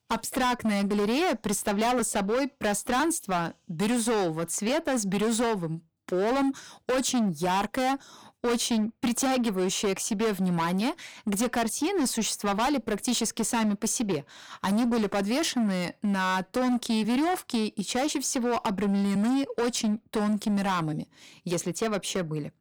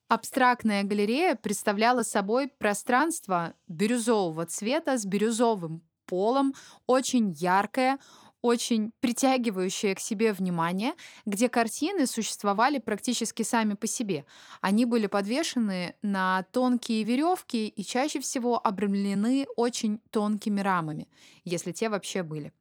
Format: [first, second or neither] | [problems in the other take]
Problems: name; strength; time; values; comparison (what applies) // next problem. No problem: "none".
second | distortion; heavy; 19% of the sound clipped